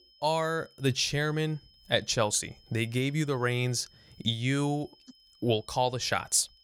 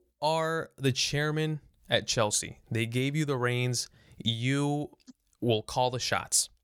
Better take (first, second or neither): second